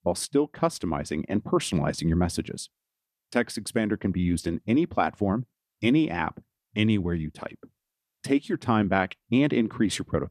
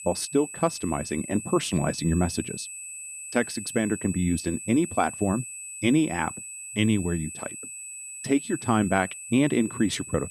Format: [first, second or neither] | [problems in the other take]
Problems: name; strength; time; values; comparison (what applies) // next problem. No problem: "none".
first | high-pitched whine; loud; throughout; 8 kHz, 10 dB below the speech